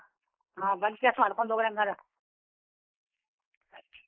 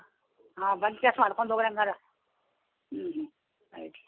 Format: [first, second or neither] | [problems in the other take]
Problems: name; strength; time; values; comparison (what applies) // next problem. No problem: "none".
second | noise reduction (neural mask model Resemble Enhance denoiser)